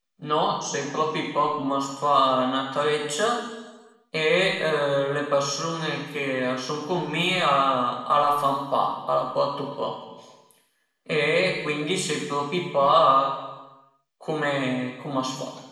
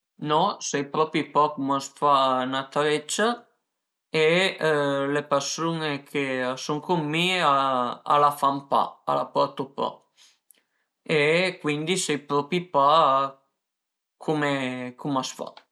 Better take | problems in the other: second | room echo; dies away in 1.1 s

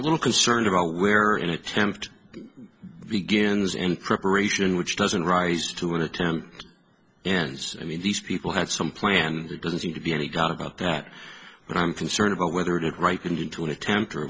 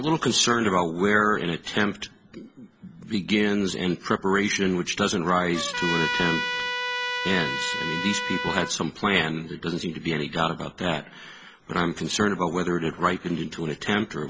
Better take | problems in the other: first | background sound (Trumpet); 3 dB below the speech

